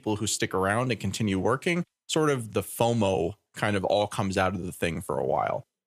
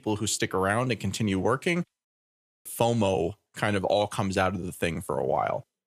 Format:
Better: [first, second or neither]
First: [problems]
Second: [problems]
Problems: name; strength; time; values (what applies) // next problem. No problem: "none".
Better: first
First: none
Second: audio cutting out; at 2 s for 0.5 s